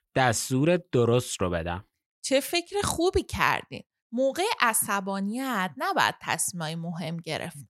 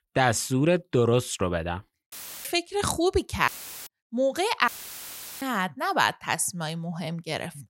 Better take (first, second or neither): first